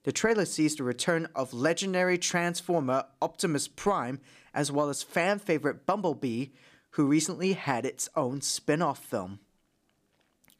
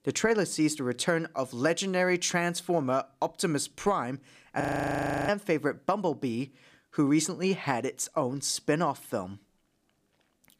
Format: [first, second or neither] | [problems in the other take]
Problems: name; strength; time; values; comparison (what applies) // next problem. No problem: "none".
first | audio freezing; at 4.5 s for 0.5 s